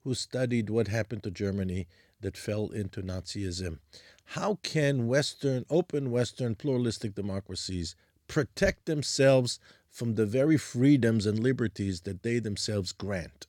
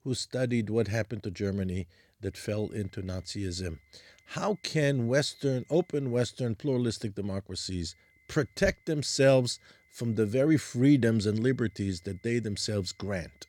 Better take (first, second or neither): first